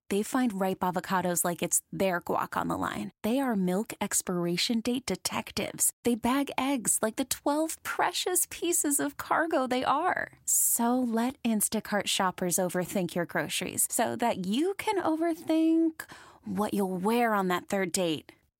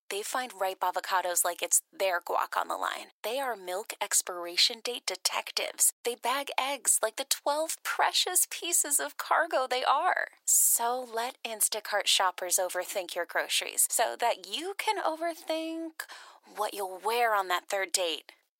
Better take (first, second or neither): first